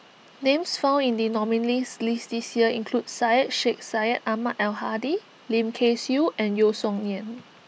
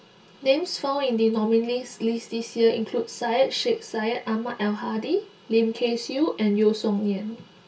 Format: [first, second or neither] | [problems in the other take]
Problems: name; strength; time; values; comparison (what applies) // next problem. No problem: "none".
first | room echo; dies away in 0.2 s